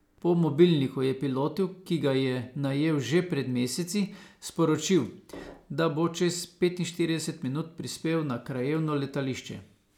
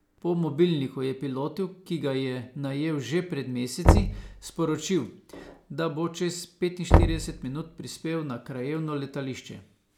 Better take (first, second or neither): first